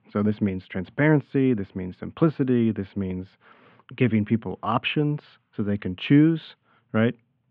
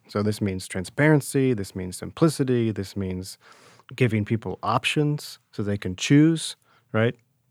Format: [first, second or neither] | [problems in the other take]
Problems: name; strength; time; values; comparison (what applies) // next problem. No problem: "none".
second | muffled; very; fading above 3 kHz